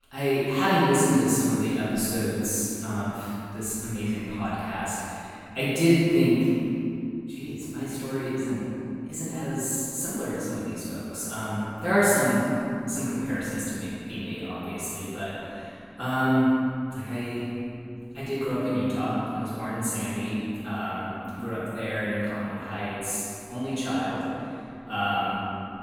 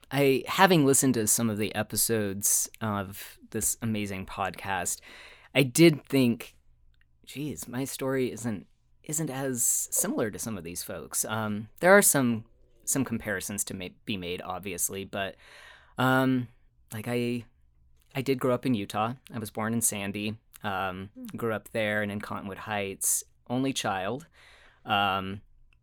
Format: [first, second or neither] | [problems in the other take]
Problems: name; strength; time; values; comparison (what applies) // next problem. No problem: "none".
second | off-mic speech; far // room echo; strong; dies away in 2.5 s